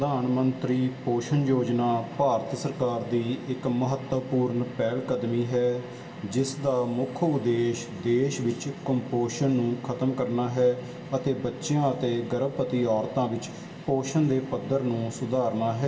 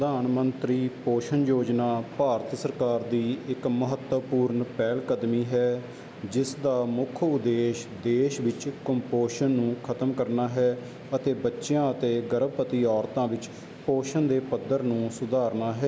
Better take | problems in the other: second | room echo; dies away in 2.7 s

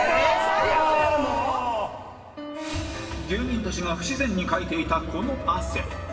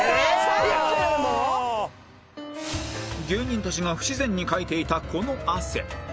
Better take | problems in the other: second | room echo; dies away in 2.1 s

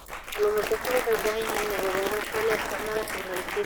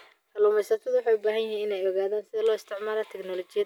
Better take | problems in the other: second | noise reduction (neural mask model Resemble Enhance denoiser)

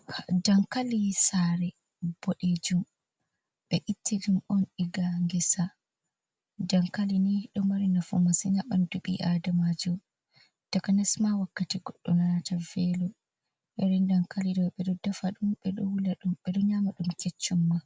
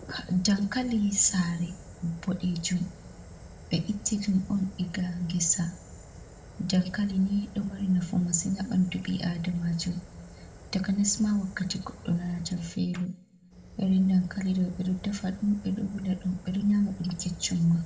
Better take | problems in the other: first | background sound (Fire); 18 dB below the speech // room echo; dies away in 0.7 s

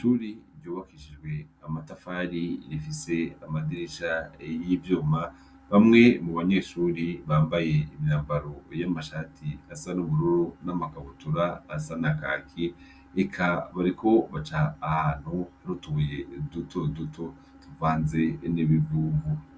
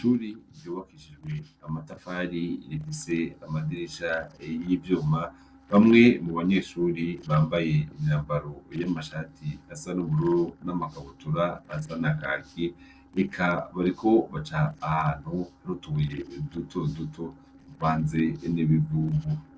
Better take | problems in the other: first | noise reduction (neural separator model SepFormer DNS4)

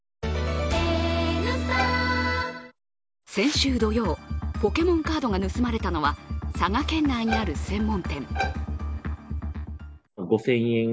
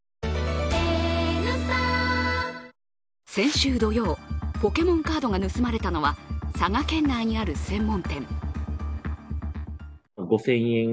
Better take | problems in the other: second | background sound (Bowed string instrument); 10 dB below the speech

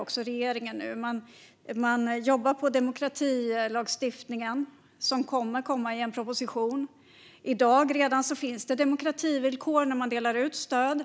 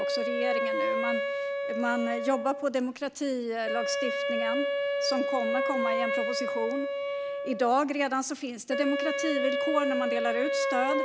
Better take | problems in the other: first | background sound (Wind instrument, woodwind instrument); 1 dB above the speech

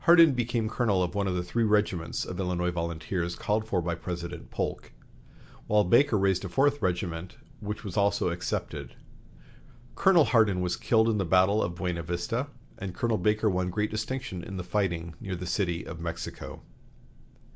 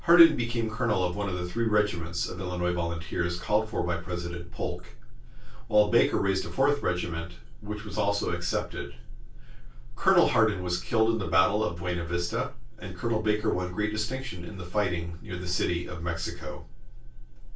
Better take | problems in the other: first | room echo; dies away in 0.2 s

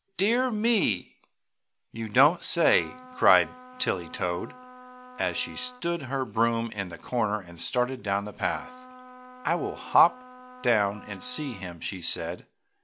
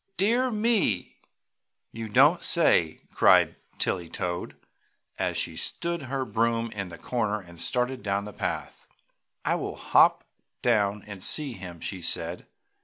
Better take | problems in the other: second | background sound (Trumpet); 18 dB below the speech

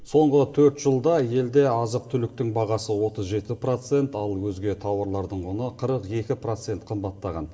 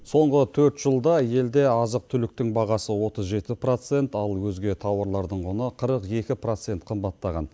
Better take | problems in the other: second | room echo; dies away in 2.6 s

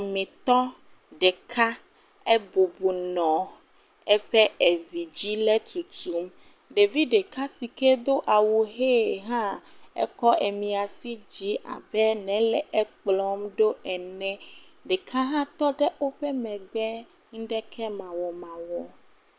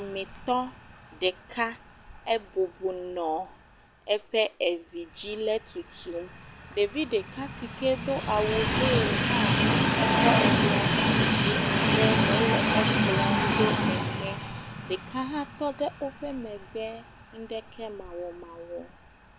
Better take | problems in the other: first | background sound (Train); 3 dB above the speech

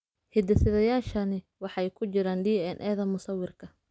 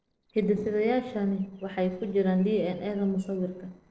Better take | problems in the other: first | noise reduction (neural separator model SepFormer DNS4)

